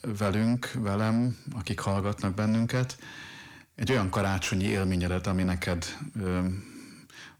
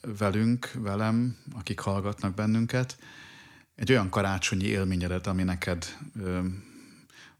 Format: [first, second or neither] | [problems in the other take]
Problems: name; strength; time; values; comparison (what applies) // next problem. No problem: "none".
second | distortion; slight; 10 dB below the speech